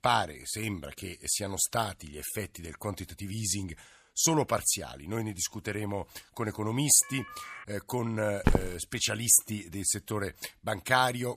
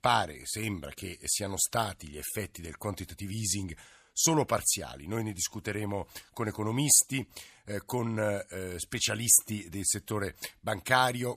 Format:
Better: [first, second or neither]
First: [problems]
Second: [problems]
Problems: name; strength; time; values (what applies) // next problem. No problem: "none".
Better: second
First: phone ringing; faint; at 7 s; peak 15 dB below the speech // footsteps; noticeable; at 8.5 s; peak level with the speech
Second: none